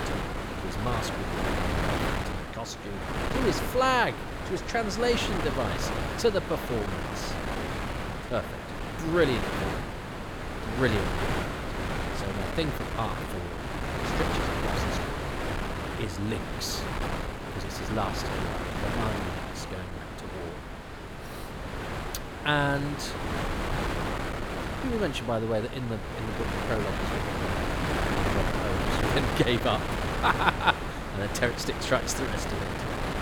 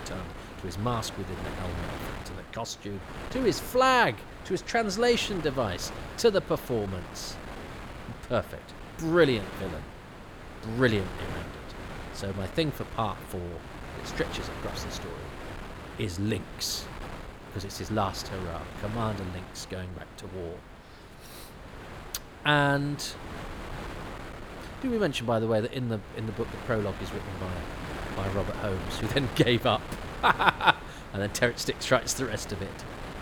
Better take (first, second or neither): second